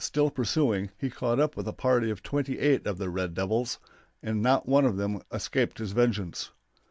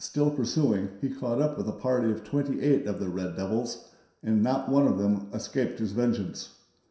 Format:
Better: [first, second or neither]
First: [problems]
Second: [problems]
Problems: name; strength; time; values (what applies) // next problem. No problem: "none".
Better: first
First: none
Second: room echo; dies away in 0.7 s